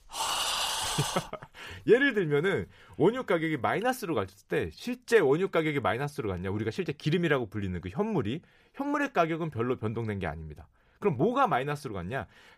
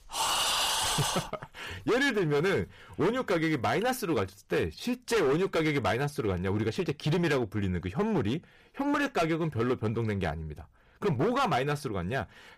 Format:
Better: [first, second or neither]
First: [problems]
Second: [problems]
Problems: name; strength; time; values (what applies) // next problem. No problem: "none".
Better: first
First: none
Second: distortion; heavy; 12% of the sound clipped